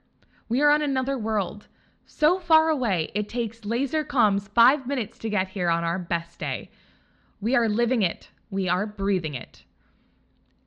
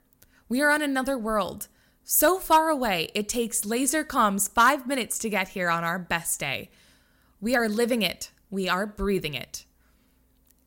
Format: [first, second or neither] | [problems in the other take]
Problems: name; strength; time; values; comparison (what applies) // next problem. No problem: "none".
second | muffled; slightly; fading above 4 kHz